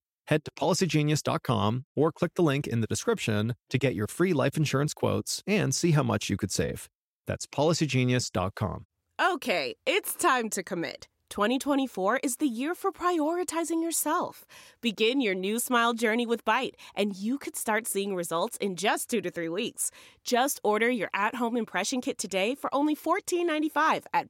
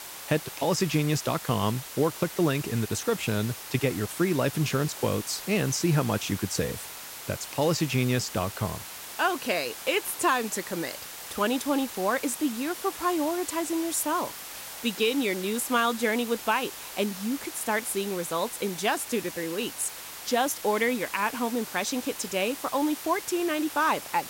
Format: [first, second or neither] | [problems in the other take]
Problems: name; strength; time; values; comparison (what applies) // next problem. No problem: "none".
first | hiss; loud; throughout; 10 dB below the speech